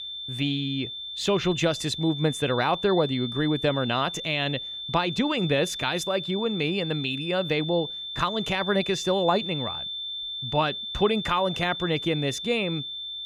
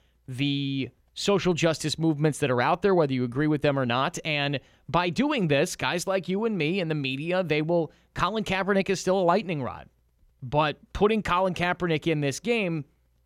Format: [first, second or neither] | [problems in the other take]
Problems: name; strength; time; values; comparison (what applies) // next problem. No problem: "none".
second | high-pitched whine; loud; throughout; 3.5 kHz, 6 dB below the speech